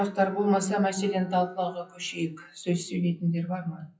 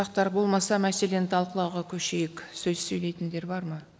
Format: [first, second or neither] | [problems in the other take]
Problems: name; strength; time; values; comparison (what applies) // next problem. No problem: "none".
second | noise reduction (classical method WPE with log-MMSE)